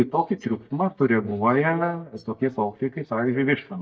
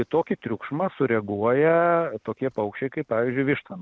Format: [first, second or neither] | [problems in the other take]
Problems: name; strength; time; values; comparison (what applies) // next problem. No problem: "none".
second | noise reduction (neural mask model DeepFilterNet 3)